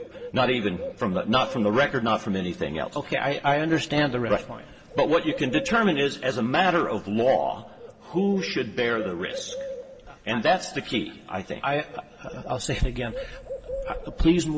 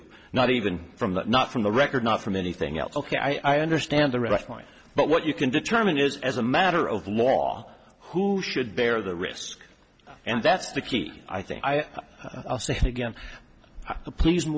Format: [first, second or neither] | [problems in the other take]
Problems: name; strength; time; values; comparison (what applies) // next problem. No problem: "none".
second | background sound (Bird); 14 dB below the speech // room echo; dies away in 2.3 s